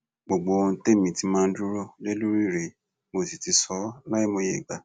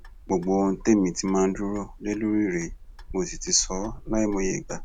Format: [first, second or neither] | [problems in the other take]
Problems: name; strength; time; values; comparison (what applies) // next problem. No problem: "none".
first | background sound (Clock); 13 dB below the speech